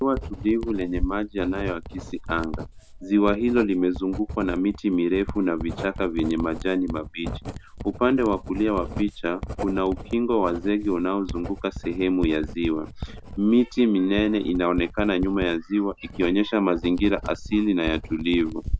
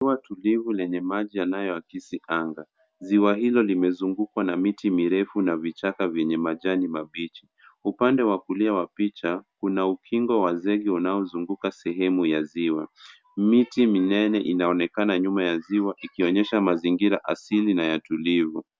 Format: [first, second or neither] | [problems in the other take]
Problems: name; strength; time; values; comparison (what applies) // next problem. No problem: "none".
second | background sound (Writing); 10 dB below the speech